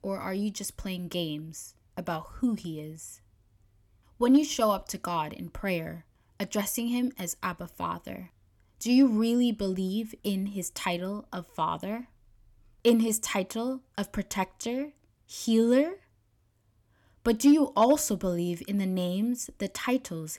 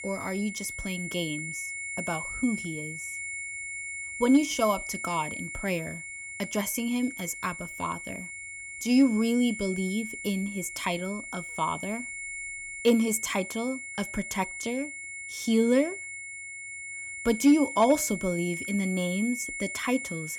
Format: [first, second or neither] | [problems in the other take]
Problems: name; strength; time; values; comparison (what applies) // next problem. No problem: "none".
first | high-pitched whine; loud; throughout; 2 kHz, 7 dB below the speech